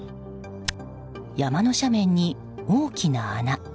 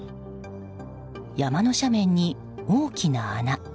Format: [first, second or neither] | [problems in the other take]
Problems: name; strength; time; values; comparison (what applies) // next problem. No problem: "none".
second | background sound (Tick); 10 dB below the speech